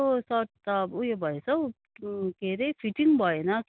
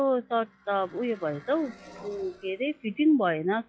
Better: first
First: none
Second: noise reduction (classical method log-MMSE)

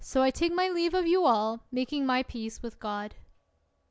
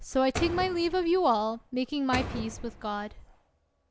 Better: first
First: none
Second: background sound (Door); 10 dB below the speech

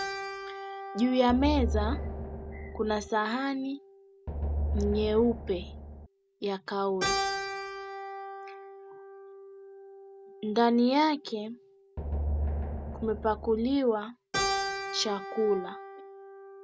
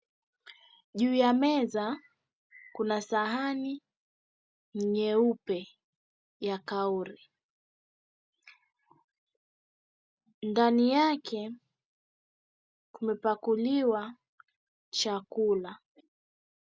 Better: second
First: background sound (Drum + Keyboard (musical)); 4 dB below the speech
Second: none

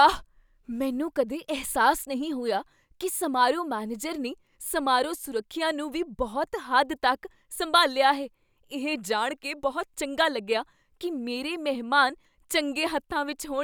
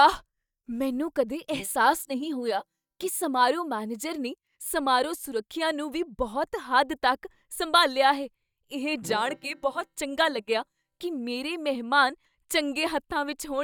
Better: first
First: none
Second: noise reduction (neural mask model DeepFilterNet 3)

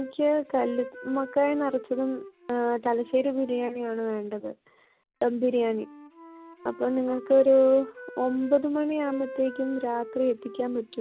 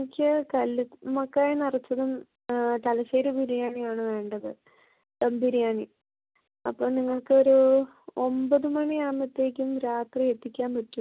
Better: second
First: background sound (Wind instrument, woodwind instrument); 17 dB below the speech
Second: none

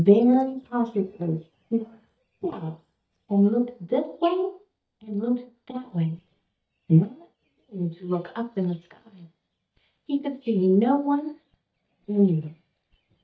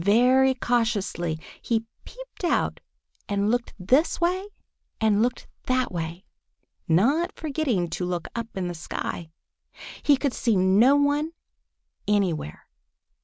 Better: second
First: noise reduction (neural mask model DeepFilterNet 3)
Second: none

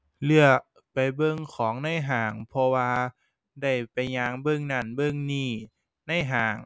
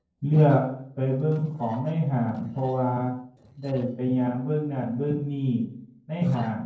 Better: first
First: none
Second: noise reduction (neural separator model SepFormer DNS4)

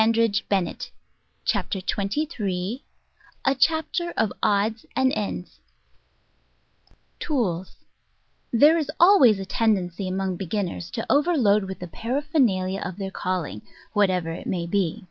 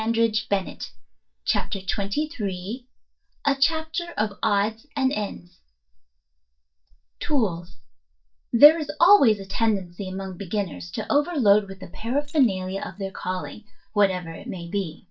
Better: first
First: none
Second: noise reduction (neural mask model DeepFilterNet 3)

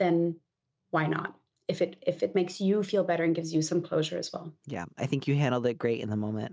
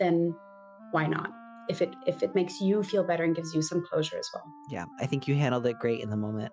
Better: first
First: none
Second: noise reduction (classical method Wiener filter)

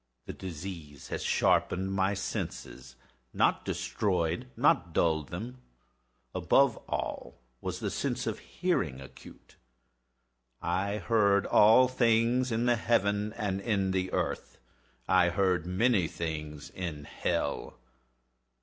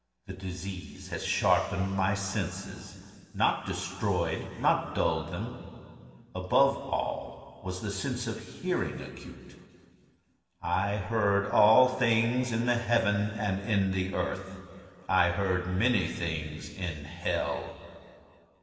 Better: first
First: none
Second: room echo; dies away in 2.4 s

